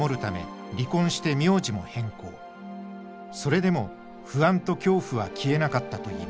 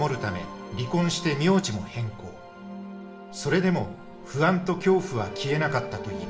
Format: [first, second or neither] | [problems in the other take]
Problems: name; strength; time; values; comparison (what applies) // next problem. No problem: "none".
first | room echo; dies away in 0.5 s